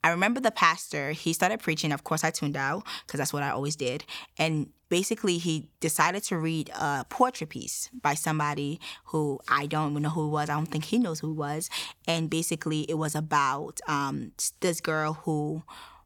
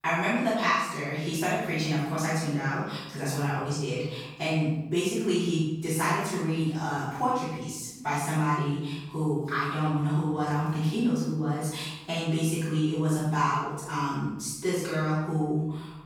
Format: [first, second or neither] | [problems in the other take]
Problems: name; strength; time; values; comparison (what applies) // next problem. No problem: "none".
first | off-mic speech; far // room echo; strong; dies away in 0.9 s